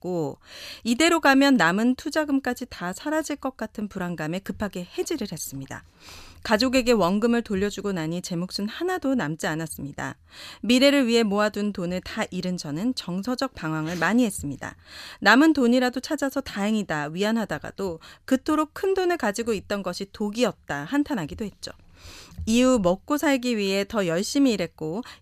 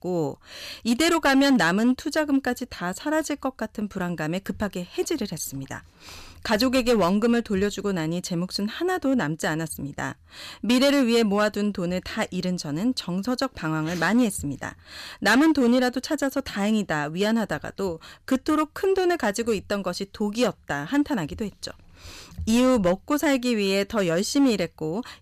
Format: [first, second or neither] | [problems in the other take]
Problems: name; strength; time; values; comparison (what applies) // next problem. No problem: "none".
first | distortion; slight; 4% of the sound clipped